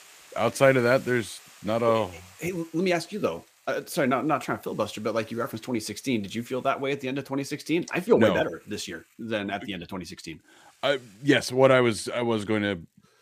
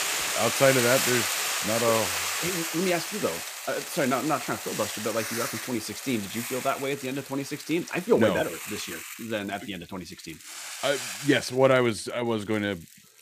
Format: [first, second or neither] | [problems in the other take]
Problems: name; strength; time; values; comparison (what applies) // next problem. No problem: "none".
first | hiss; loud; throughout; 2 dB below the speech; faint in the first